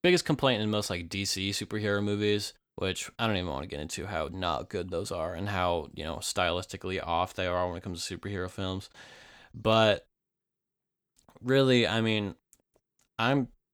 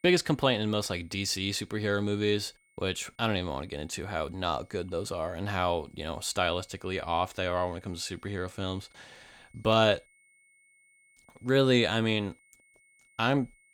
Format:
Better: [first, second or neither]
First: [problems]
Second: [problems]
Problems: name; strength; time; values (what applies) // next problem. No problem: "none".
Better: first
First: none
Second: high-pitched whine; faint; throughout; 2 kHz, 35 dB below the speech